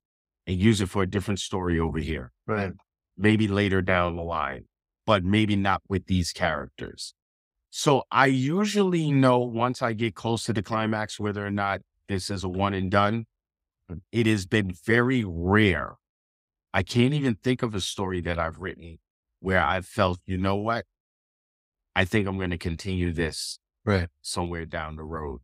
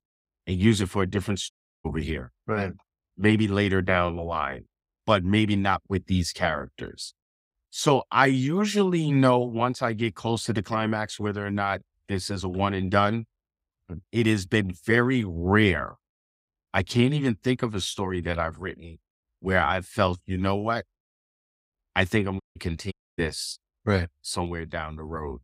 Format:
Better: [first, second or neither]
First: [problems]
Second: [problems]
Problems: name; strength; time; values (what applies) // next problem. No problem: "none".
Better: first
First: none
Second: audio cutting out; at 1.5 s, at 22 s and at 23 s